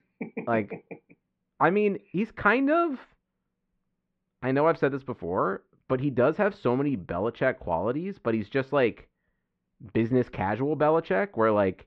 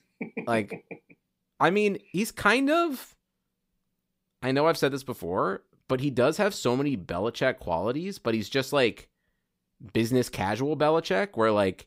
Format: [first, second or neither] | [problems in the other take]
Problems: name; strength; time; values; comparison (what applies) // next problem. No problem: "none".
second | muffled; very; fading above 2 kHz